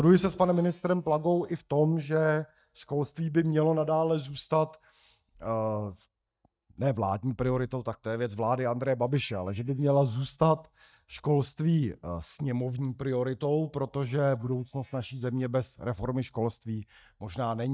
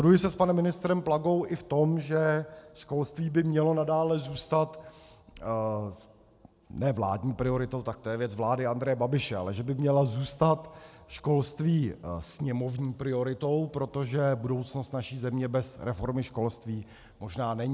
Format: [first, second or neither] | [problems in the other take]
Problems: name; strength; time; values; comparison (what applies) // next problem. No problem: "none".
second | noise reduction (neural mask model DeepFilterNet 3)